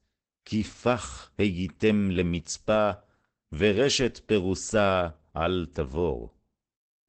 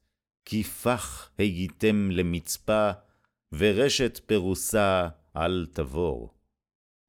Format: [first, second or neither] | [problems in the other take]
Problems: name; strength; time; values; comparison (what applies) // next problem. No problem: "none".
second | garbled, watery; badly; nothing above 8 kHz